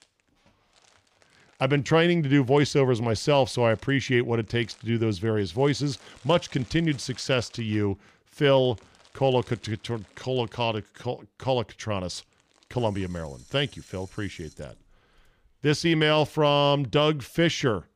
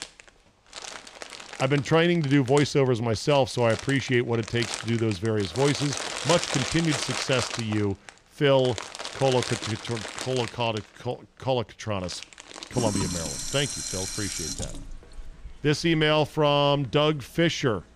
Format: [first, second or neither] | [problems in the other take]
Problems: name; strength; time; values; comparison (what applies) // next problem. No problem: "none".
first | household noises; loud; throughout; 7 dB below the speech; faint in the first